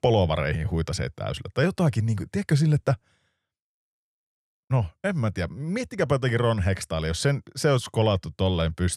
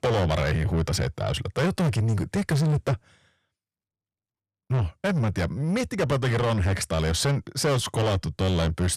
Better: first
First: none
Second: distortion; heavy; 7 dB below the speech

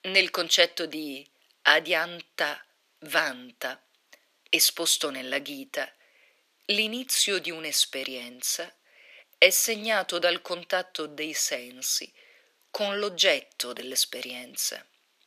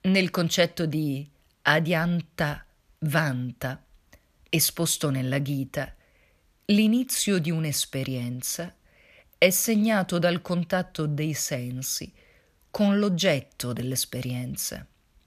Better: second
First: thin; very; fading below 350 Hz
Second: none

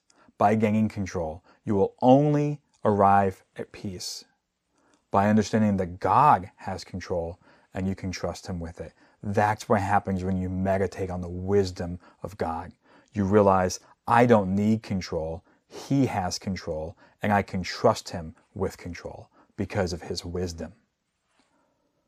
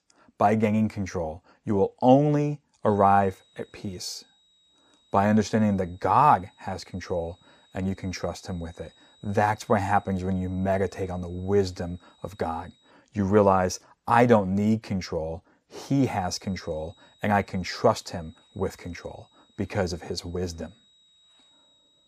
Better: first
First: none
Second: high-pitched whine; faint; from 3 to 13 s and from 16 s on; 4 kHz, 35 dB below the speech

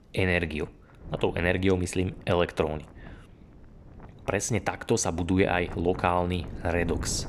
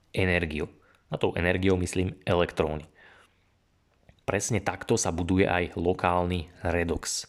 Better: second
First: wind noise on the microphone; occasional gusts; 25 dB below the speech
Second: none

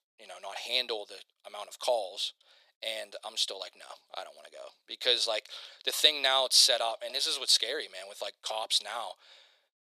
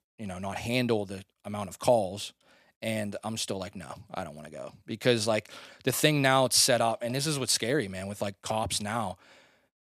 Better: second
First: thin; very; fading below 450 Hz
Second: none

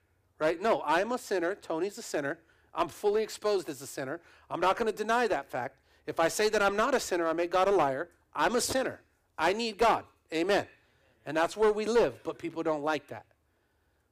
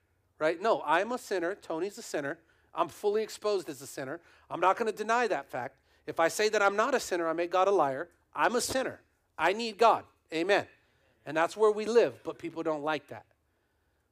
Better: second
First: distortion; slight; 4% of the sound clipped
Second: none

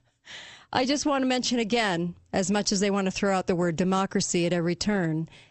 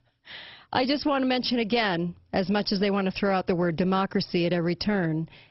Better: first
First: garbled, watery; slightly; nothing above 8 kHz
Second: garbled, watery; badly; nothing above 5.5 kHz

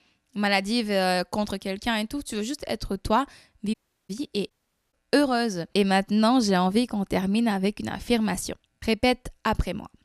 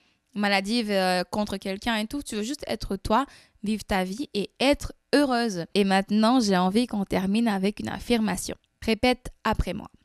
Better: second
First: audio cutting out; at 3.5 s and at 4.5 s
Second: none

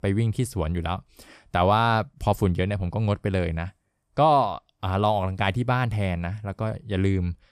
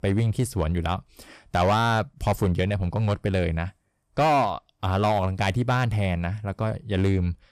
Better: first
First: none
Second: distortion; slight; 8% of the sound clipped

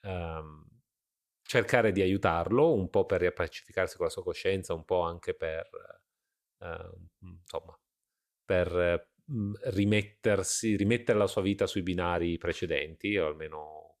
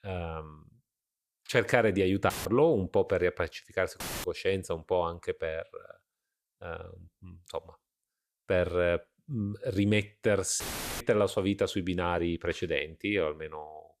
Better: first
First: none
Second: audio cutting out; filled with static; at 2.5 s, at 4 s and at 11 s

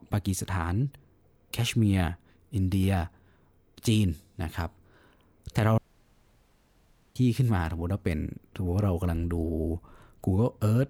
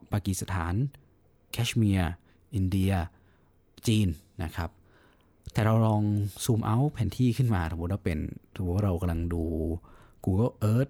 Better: second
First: audio cutting out; at 6 s for 1.5 s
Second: none

